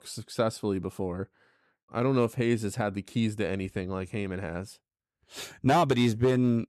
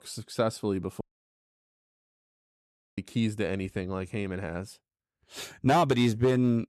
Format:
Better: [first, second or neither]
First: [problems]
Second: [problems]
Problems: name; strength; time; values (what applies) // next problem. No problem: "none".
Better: first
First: none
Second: audio cutting out; at 1 s for 2 s